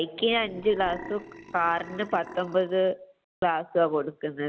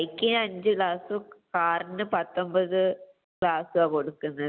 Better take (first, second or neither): second